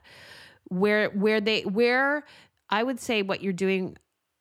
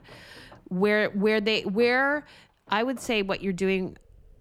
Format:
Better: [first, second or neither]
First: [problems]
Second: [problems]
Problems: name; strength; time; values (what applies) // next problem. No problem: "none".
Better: first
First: none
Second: rain or running water; faint; throughout; 30 dB below the speech